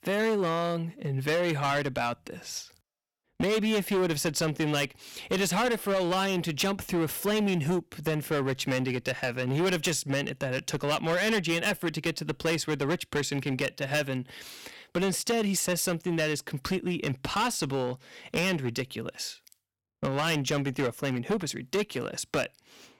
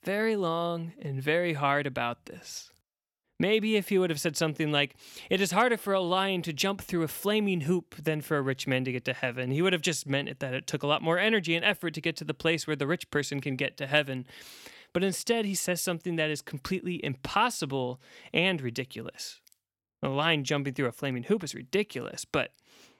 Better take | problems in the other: second | distortion; heavy; 12% of the sound clipped

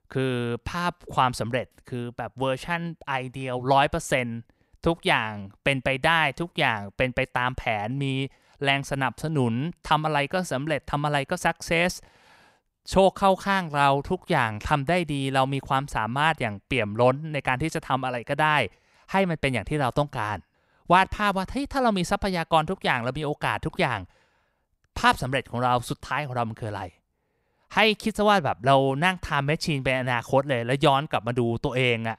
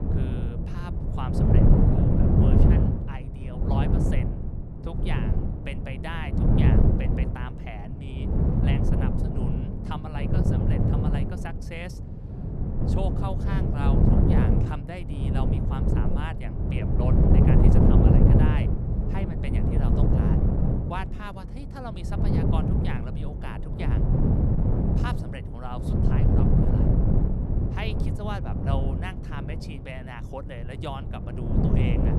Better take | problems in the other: first | wind noise on the microphone; heavy; 5 dB above the speech

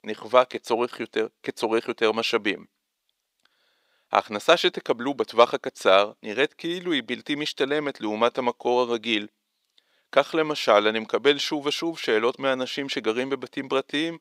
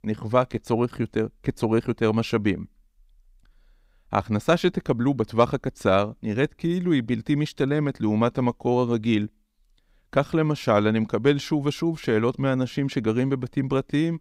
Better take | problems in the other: second | thin; somewhat; fading below 500 Hz

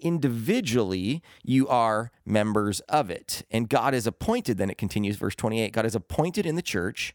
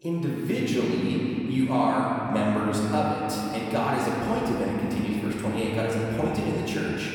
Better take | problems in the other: first | off-mic speech; far // room echo; strong; dies away in 3 s

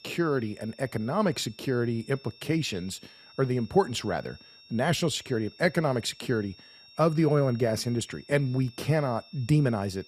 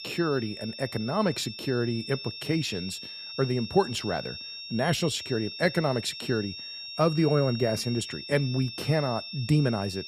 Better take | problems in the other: first | high-pitched whine; loud; throughout; 5.5 kHz, 9 dB below the speech; faint in the first

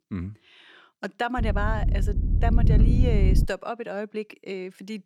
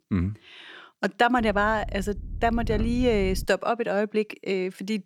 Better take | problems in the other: second | low rumble; loud; from 1.5 to 3.5 s; 6 dB below the speech; faint in the second

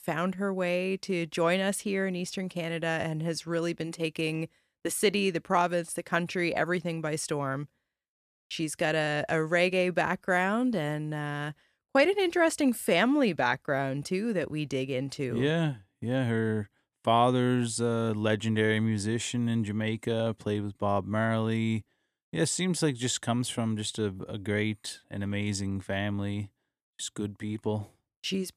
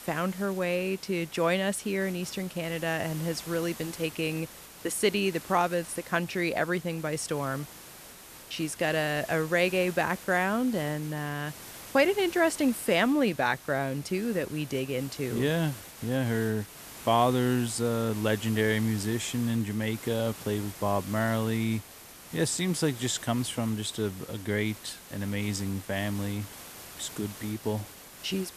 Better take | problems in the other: first | hiss; noticeable; throughout; 15 dB below the speech

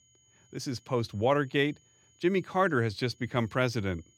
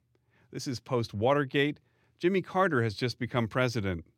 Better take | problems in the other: second | high-pitched whine; faint; throughout; 6.5 kHz, 35 dB below the speech

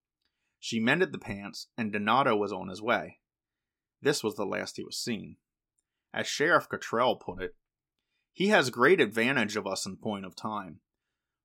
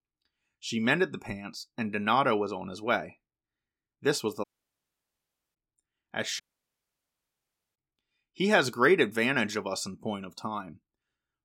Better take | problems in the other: first | audio cutting out; at 4.5 s for 1 s and at 6.5 s for 1.5 s

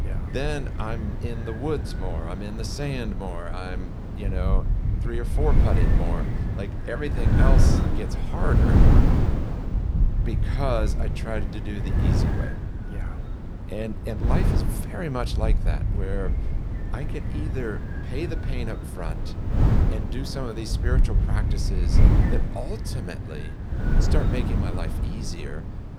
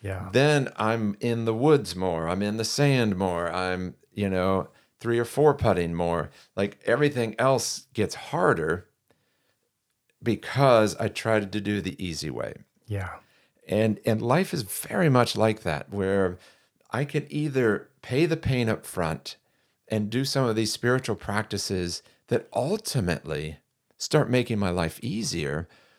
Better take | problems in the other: second | wind noise on the microphone; heavy; 2 dB below the speech

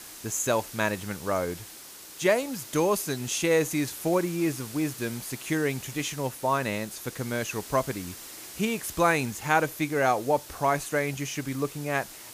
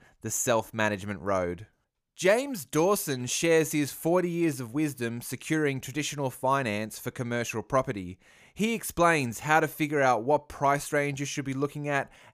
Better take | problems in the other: second | hiss; noticeable; throughout; 15 dB below the speech

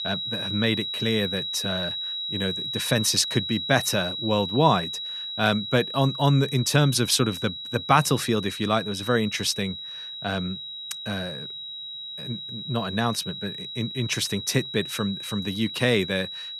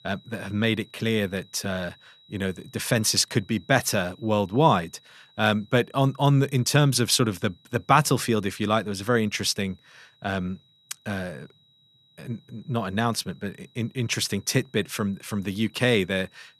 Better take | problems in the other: second | high-pitched whine; loud; throughout; 4 kHz, 6 dB below the speech; faint in the second

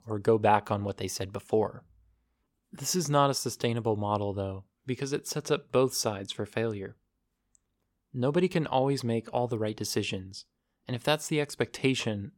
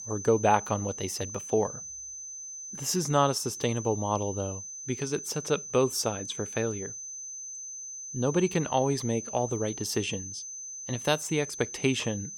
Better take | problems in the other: first | high-pitched whine; loud; throughout; 6 kHz, 8 dB below the speech

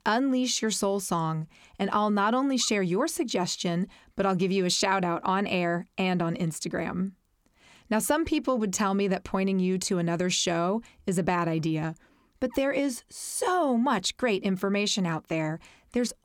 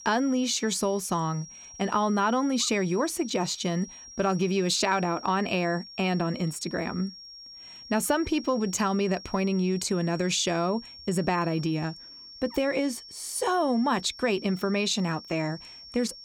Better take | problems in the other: first | high-pitched whine; noticeable; throughout; 5.5 kHz, 15 dB below the speech

